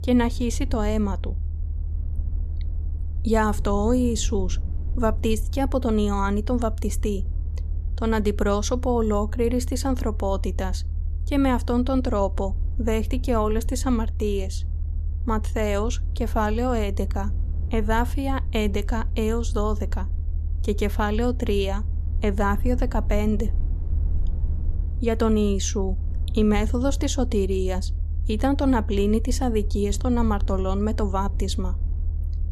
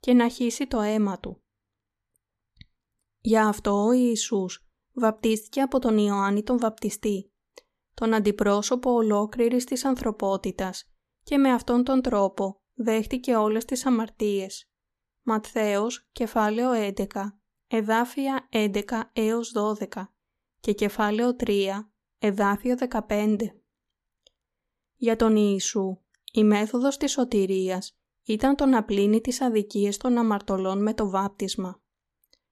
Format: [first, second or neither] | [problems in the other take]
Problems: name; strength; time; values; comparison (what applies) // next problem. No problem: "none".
second | low rumble; faint; throughout; 20 dB below the speech